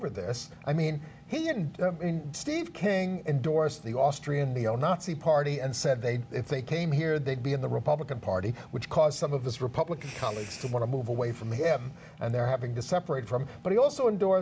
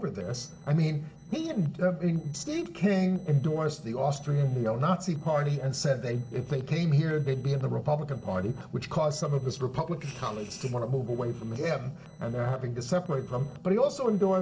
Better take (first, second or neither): first